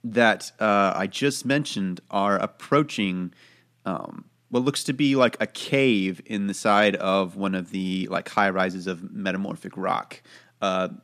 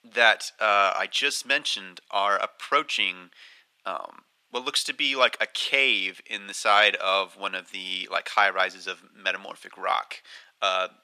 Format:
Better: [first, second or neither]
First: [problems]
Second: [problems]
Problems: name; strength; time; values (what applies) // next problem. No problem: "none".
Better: first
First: none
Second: thin; very; fading below 750 Hz